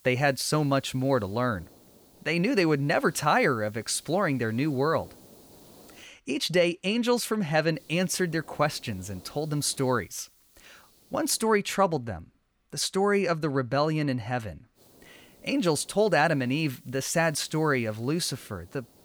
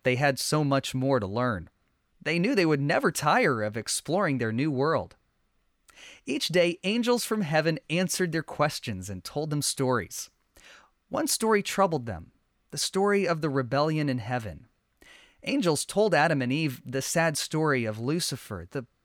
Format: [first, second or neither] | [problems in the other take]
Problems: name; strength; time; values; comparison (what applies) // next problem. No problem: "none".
second | hiss; faint; until 6 s, from 8 to 11 s and from 15 s on; 25 dB below the speech